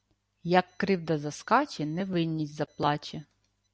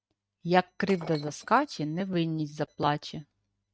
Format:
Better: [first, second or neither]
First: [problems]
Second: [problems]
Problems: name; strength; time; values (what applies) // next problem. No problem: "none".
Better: first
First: none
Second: noise reduction (neural mask model RNNoise)